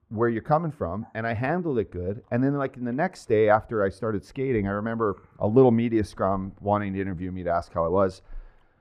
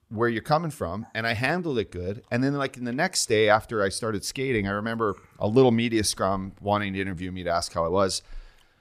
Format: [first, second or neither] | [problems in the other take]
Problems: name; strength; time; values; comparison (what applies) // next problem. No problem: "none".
second | muffled; very; fading above 2.5 kHz